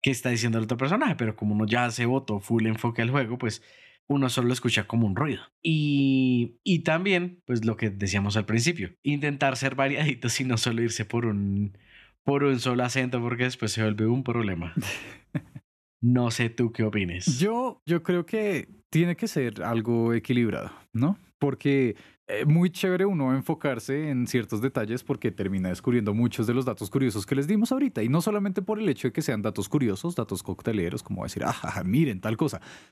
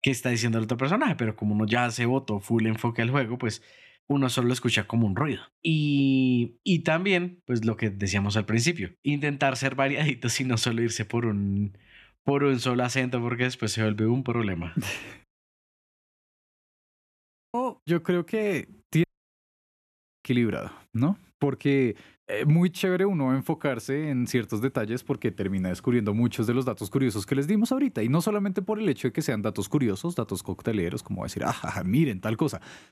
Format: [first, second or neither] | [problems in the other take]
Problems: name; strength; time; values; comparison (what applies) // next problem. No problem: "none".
first | audio cutting out; at 15 s for 2.5 s and at 19 s for 1 s